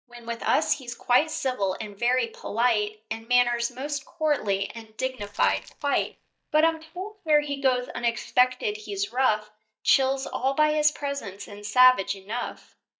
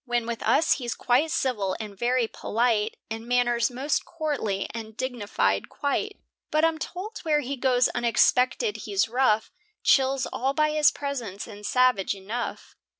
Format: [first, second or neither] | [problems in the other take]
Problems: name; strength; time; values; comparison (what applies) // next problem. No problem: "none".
second | noise reduction (neural mask model DeepFilterNet 3)